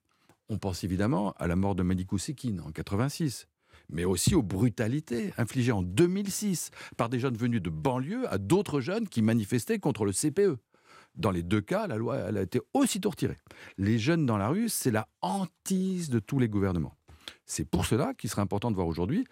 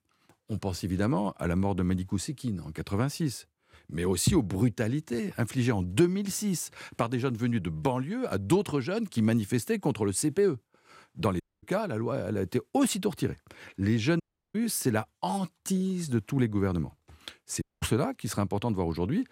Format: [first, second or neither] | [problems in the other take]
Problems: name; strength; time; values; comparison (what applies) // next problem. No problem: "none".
first | audio cutting out; at 11 s, at 14 s and at 18 s